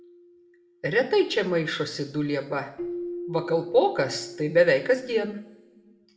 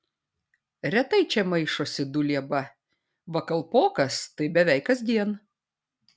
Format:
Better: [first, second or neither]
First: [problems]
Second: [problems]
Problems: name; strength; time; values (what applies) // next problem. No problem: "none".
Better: second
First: background sound (Keyboard (musical)); 14 dB below the speech // room echo; dies away in 0.7 s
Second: none